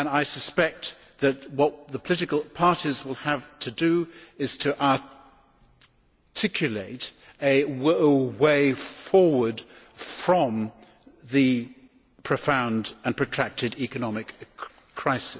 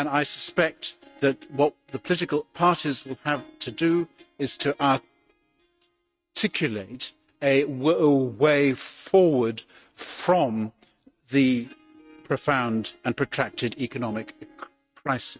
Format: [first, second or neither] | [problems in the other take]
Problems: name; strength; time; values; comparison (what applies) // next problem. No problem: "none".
first | noise reduction (neural mask model RNNoise)